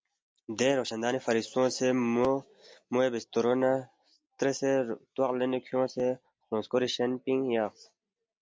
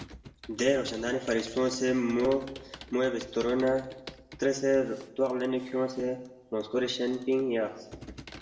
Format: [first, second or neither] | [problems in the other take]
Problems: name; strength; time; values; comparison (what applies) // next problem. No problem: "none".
first | background sound (Computer keyboard); 19 dB below the speech // room echo; dies away in 0.8 s